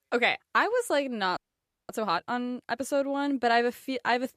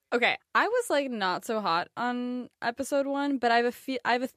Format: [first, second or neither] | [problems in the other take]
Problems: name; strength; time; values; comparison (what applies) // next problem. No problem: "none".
second | audio freezing; at 1.5 s for 0.5 s